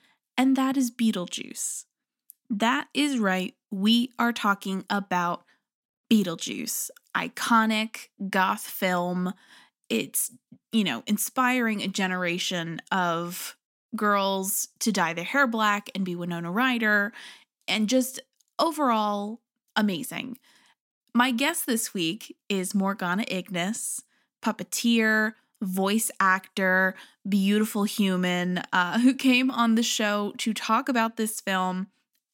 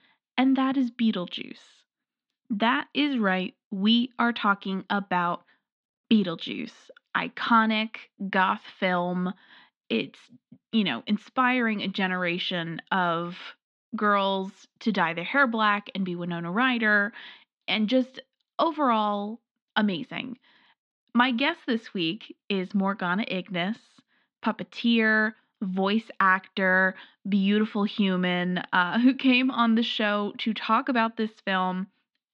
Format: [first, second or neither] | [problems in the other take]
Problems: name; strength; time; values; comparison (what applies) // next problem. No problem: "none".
first | muffled; slightly; fading above 4 kHz